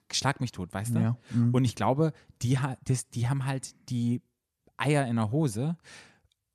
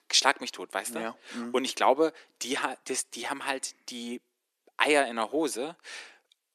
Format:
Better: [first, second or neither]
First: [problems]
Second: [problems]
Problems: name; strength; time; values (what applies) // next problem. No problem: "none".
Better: first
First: none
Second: thin; very; fading below 350 Hz